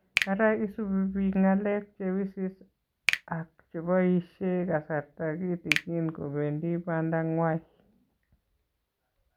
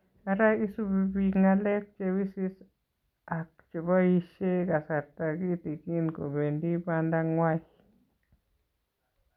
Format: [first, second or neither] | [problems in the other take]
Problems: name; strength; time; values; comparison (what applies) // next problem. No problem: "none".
second | background sound (Finger snapping); 8 dB below the speech